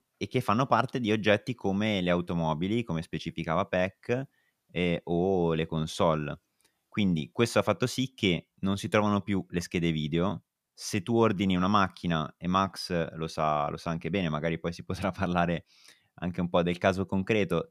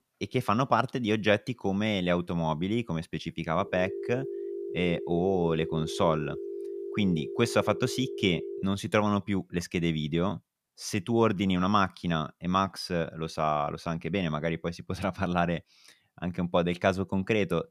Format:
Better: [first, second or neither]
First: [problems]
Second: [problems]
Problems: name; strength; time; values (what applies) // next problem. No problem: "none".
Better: first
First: none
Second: phone ringing; noticeable; from 3.5 to 8.5 s; peak 7 dB below the speech